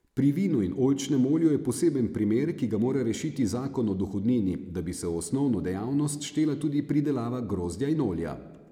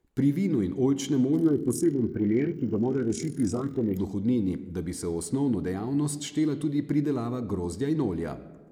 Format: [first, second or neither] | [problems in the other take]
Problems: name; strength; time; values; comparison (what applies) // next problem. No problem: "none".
first | noise reduction (neural mask model Resemble Enhance denoiser)